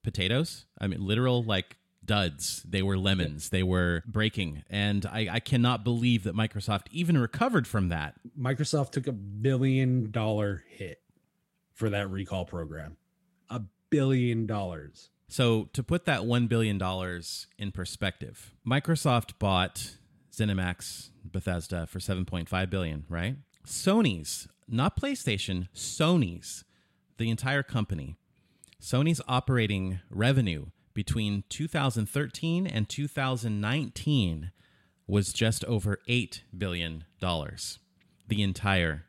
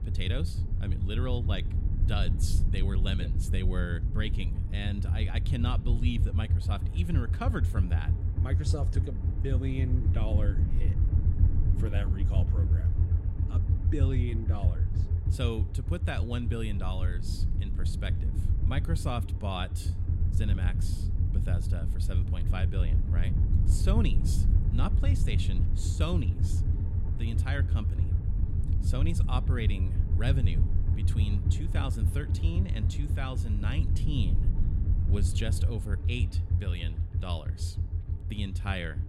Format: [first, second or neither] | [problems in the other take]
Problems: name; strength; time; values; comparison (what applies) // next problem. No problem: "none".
first | low rumble; loud; throughout; 5 dB below the speech